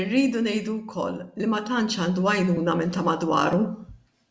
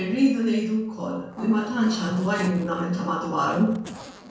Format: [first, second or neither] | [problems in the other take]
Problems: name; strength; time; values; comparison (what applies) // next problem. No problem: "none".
first | background sound (Zipper (clothing)); 18 dB below the speech // room echo; dies away in 0.5 s